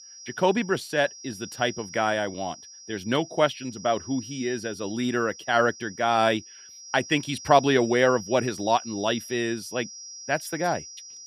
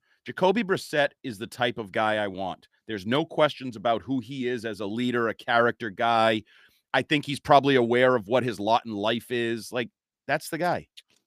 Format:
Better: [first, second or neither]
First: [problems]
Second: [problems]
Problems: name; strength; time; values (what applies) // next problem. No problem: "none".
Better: second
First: high-pitched whine; noticeable; throughout; 5.5 kHz, 15 dB below the speech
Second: none